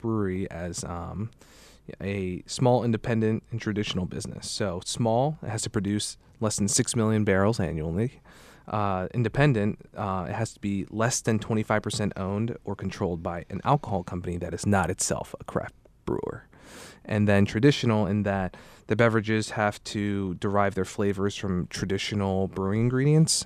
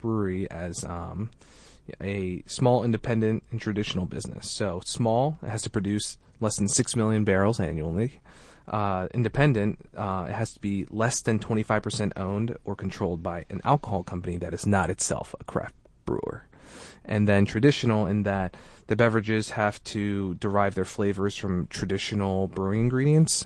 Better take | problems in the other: first | garbled, watery; slightly

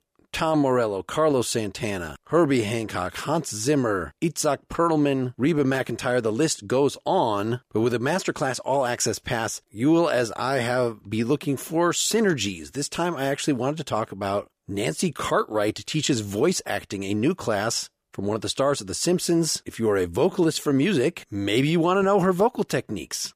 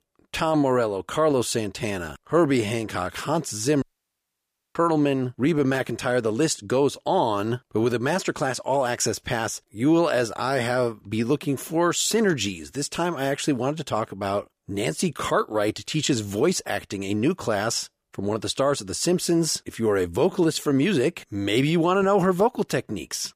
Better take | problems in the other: first | audio cutting out; at 4 s for 1 s

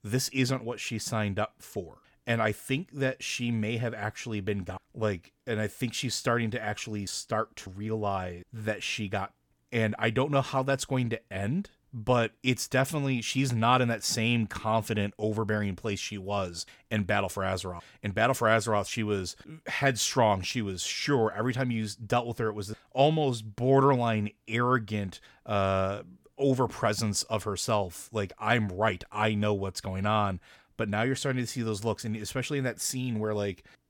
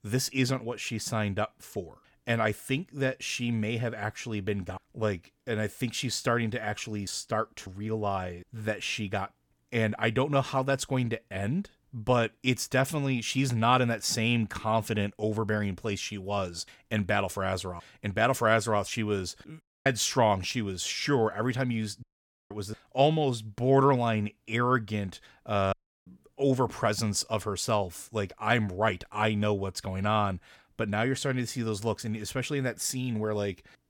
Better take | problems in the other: first | audio cutting out; at 20 s, at 22 s and at 26 s

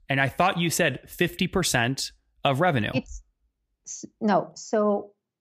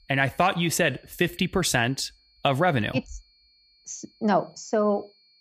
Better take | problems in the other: first | high-pitched whine; faint; throughout; 4.5 kHz, 35 dB below the speech

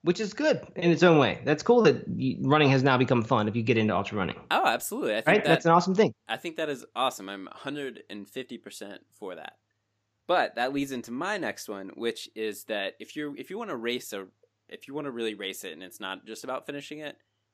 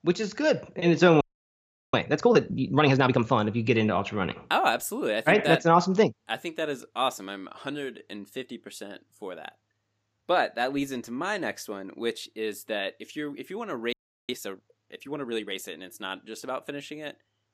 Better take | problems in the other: first | audio freezing; at 1 s for 0.5 s and at 14 s

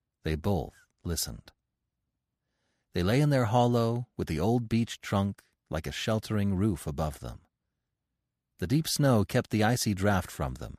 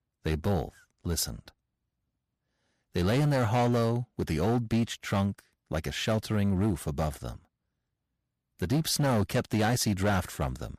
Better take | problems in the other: first | distortion; slight; 8% of the sound clipped

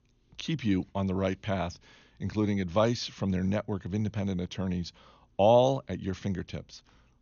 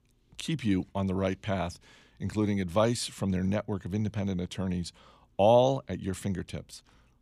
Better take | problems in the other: second | garbled, watery; slightly; nothing above 6.5 kHz

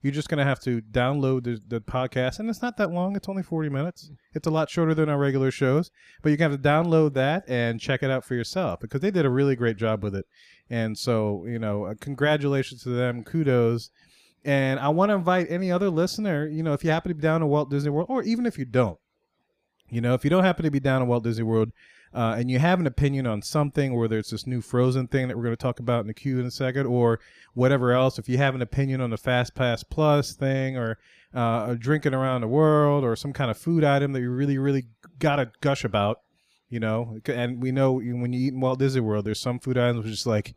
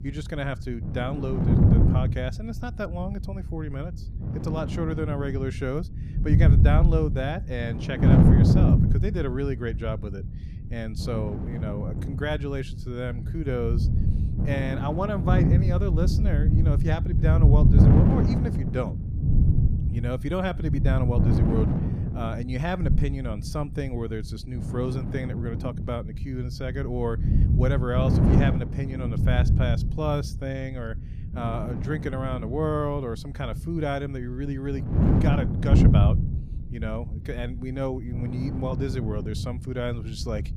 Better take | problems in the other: first | wind noise on the microphone; heavy; 1 dB below the speech

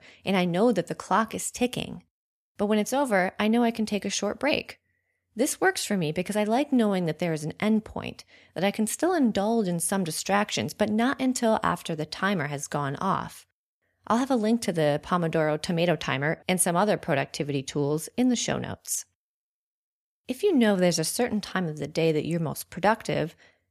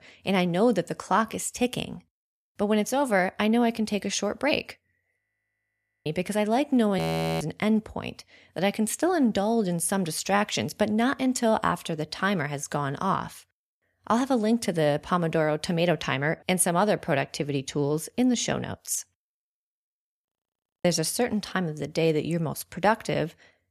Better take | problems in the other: first | audio freezing; at 5 s for 1 s, at 7 s and at 20 s for 0.5 s

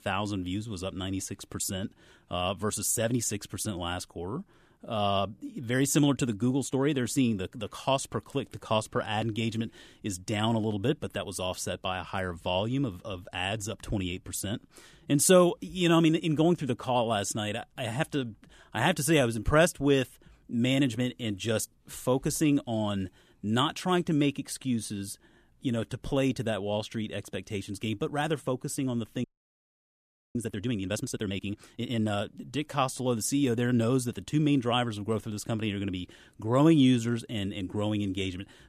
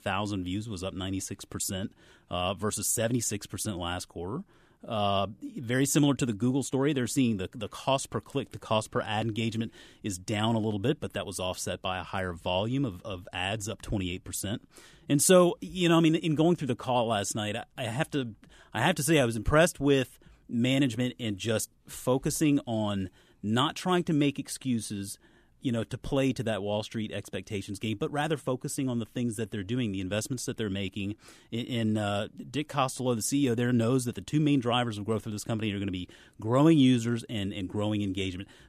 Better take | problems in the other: second | audio freezing; at 29 s for 1 s

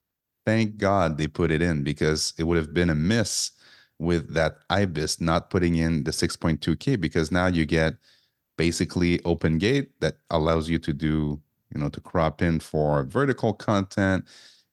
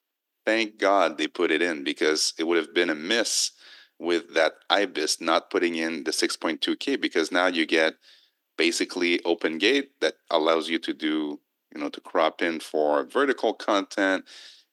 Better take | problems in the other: first | thin; somewhat; fading below 300 Hz

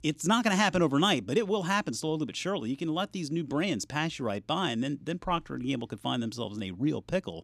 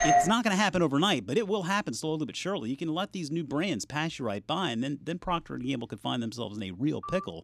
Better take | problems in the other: first | doorbell; loud; at the start; peak 6 dB above the speech // phone ringing; faint; at 7 s; peak 10 dB below the speech

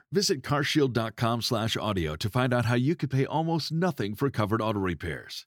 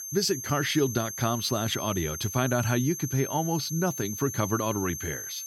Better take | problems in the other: first | high-pitched whine; loud; throughout; 6.5 kHz, 6 dB below the speech

